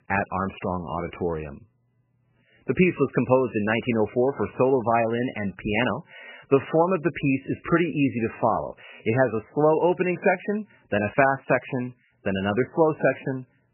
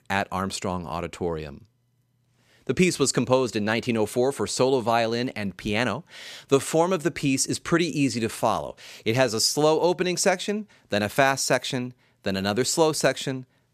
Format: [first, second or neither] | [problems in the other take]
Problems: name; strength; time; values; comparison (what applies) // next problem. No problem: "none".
second | garbled, watery; badly; nothing above 3 kHz